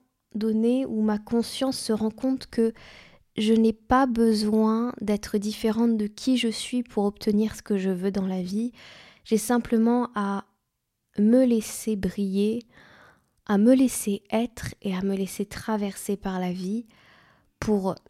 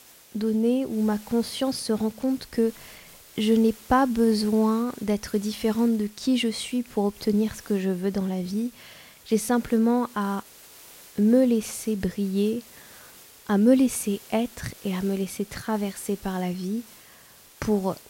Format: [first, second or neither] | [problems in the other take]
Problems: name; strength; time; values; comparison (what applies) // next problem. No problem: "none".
first | hiss; faint; throughout; 20 dB below the speech